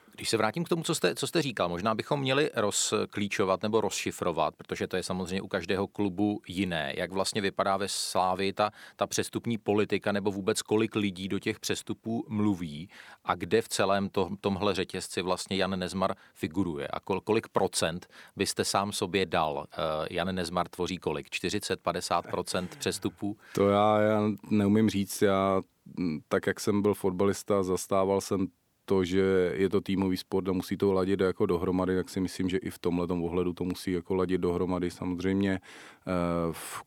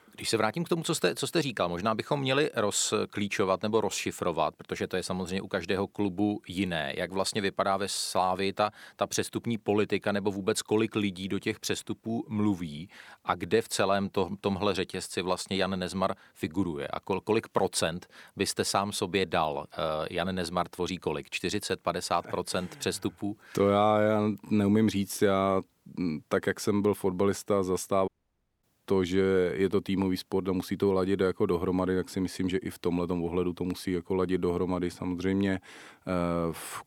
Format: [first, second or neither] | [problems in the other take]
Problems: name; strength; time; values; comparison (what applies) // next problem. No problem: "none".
first | audio cutting out; at 28 s for 0.5 s